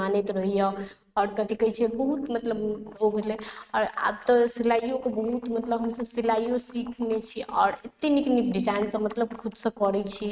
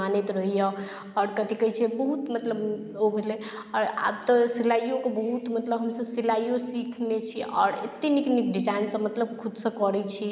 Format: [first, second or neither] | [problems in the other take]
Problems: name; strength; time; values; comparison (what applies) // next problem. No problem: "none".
second | noise reduction (neural mask model RNNoise)